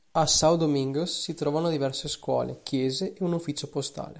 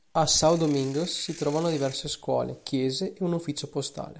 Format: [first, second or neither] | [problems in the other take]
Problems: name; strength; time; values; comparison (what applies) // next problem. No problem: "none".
first | background sound (Ratchet, pawl / Percussion); 19 dB below the speech